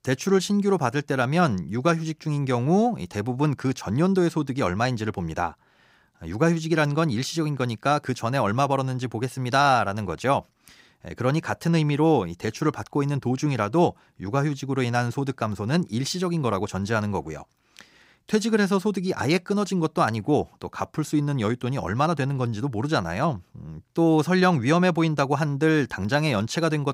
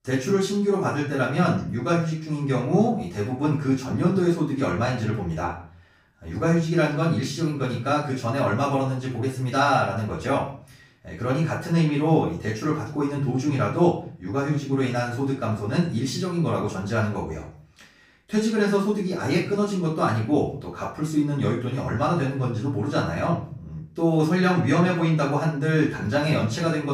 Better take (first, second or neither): first